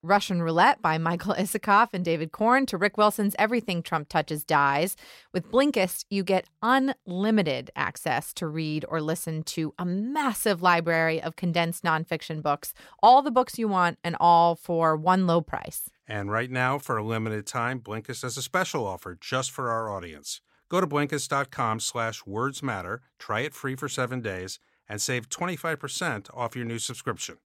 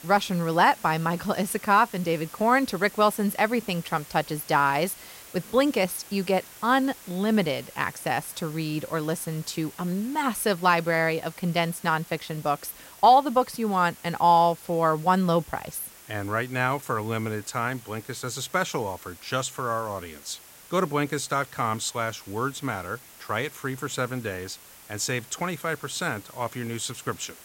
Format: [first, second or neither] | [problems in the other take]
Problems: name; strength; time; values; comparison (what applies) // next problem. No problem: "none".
first | hiss; noticeable; throughout; 20 dB below the speech